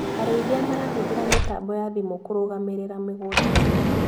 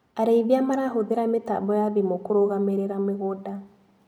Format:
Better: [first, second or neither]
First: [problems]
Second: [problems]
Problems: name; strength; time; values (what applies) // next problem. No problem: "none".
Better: second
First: background sound (Sliding door); 3 dB above the speech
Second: none